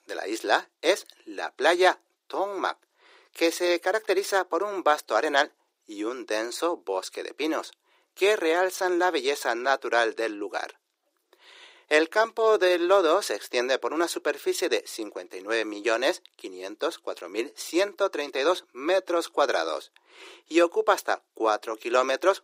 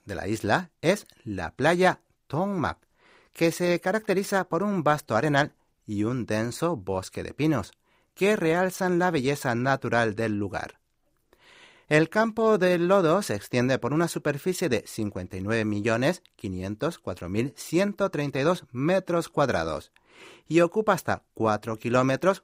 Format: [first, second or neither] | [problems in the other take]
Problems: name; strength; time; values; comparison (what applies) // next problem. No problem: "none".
second | thin; very; fading below 350 Hz